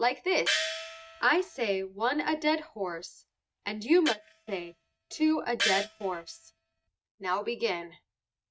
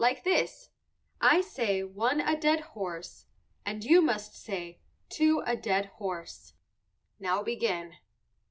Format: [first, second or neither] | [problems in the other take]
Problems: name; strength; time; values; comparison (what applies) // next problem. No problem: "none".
second | noise reduction (neural mask model RNNoise)